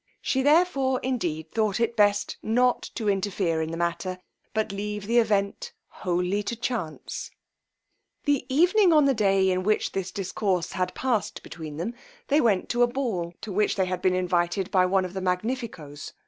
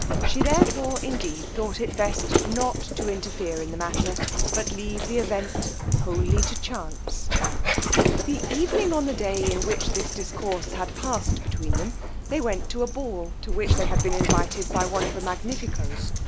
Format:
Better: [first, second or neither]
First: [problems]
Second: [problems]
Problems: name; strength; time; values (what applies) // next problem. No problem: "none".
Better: first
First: none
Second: background sound (Dog); 4 dB above the speech